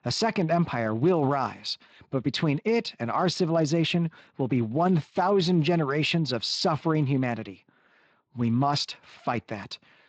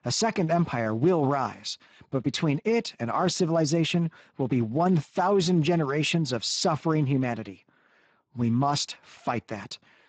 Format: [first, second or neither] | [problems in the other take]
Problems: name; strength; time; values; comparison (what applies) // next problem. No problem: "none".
first | garbled, watery; badly; nothing above 7.5 kHz; slightly in the first